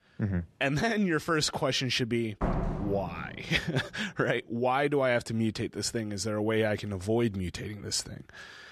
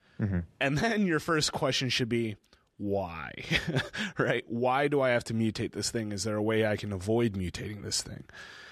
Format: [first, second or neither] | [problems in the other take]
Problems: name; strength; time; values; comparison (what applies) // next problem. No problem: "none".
second | door banging; noticeable; from 2.5 to 3.5 s; peak 2 dB below the speech